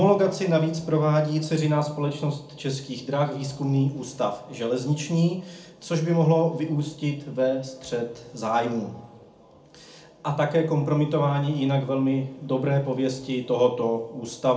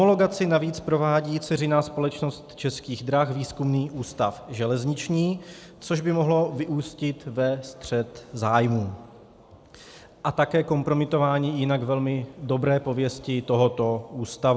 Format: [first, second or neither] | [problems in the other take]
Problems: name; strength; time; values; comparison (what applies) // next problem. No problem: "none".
second | room echo; dies away in 0.4 s